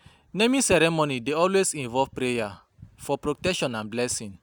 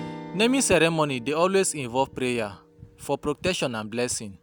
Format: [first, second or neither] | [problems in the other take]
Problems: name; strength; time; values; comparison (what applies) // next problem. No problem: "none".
first | background sound (Strum); 19 dB below the speech